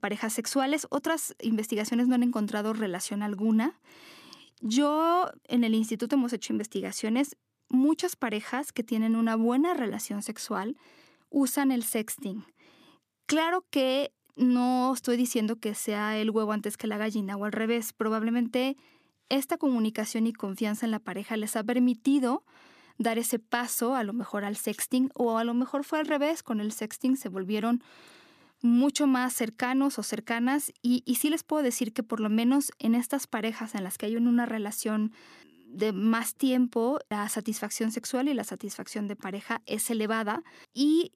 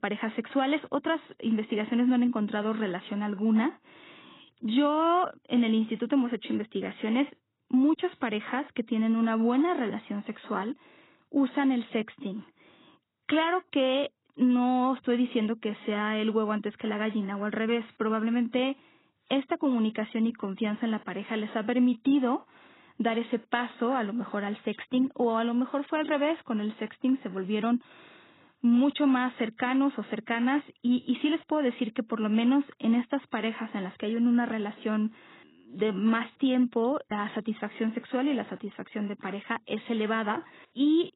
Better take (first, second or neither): first